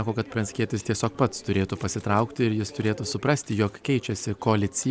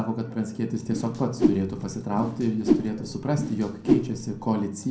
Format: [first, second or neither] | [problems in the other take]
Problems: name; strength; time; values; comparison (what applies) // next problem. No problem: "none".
first | background sound (Whoosh, swoosh, swish); as loud as the speech // room echo; dies away in 0.5 s